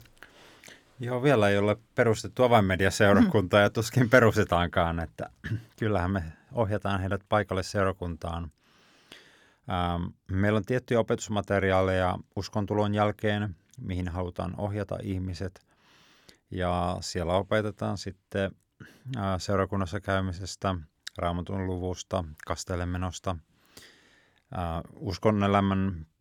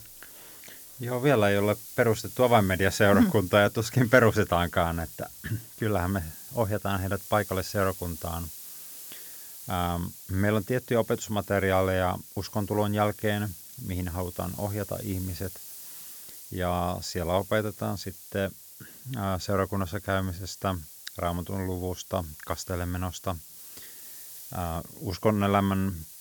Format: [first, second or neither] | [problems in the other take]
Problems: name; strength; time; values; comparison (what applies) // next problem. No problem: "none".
first | hiss; noticeable; throughout; 15 dB below the speech